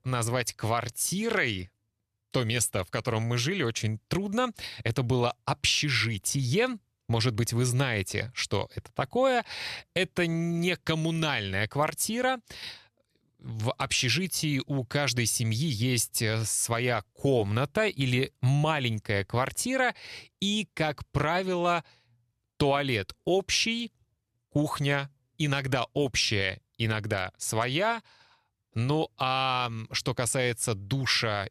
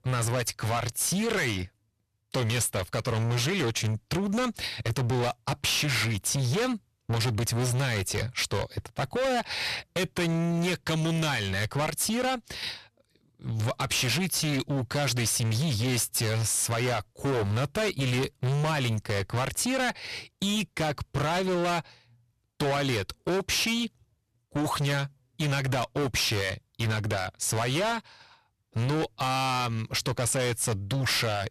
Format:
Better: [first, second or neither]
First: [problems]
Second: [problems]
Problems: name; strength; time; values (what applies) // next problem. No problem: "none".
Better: first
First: none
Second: distortion; heavy; 28% of the sound clipped